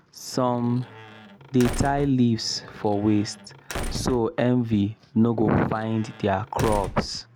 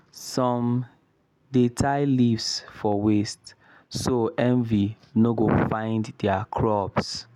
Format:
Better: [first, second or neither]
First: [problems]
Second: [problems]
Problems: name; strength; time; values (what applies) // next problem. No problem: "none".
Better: second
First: background sound (Squeak / Slam / Wood); 12 dB below the speech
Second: none